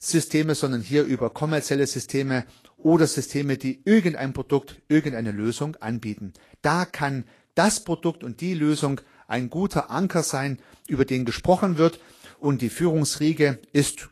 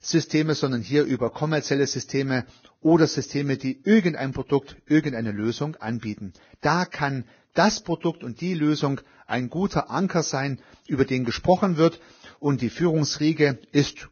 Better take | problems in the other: first | garbled, watery; badly; nothing above 6.5 kHz; slightly in the first

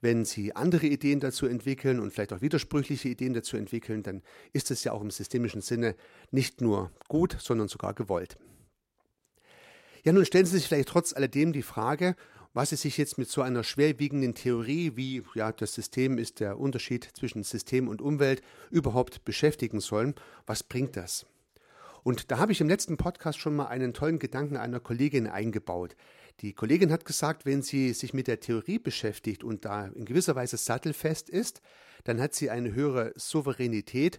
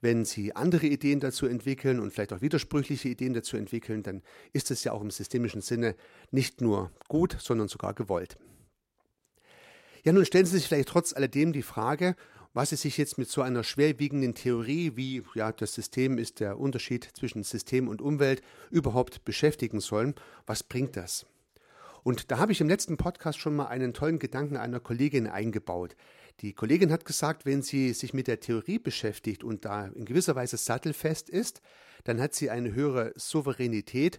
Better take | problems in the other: neither | none

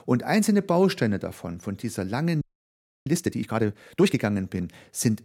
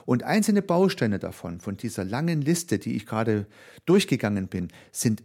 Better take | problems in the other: second | audio freezing; at 2.5 s for 0.5 s

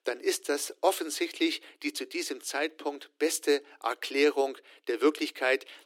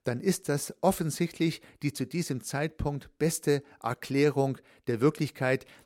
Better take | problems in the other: second | thin; somewhat; fading below 300 Hz

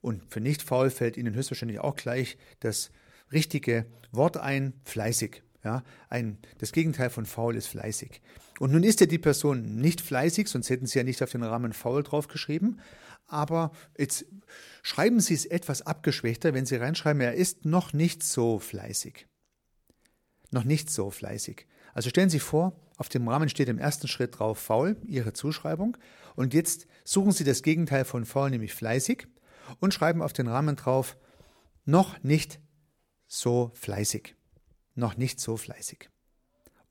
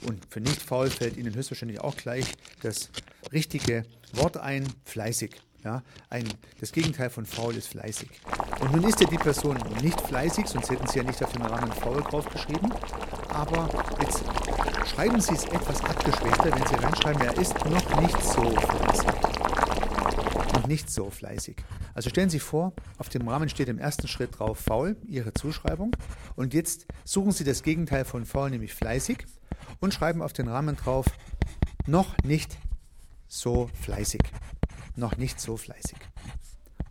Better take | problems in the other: first | household noises; loud; throughout; 1 dB below the speech

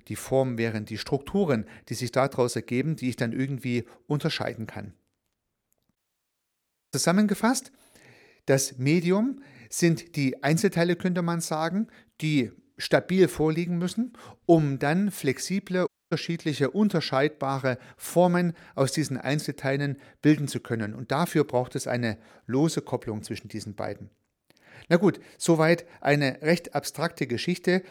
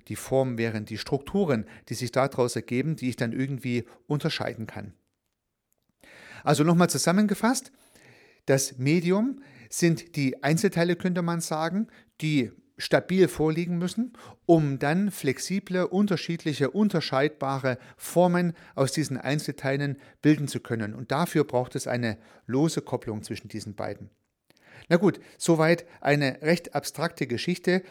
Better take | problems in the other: second | audio cutting out; at 6 s for 1 s and at 16 s

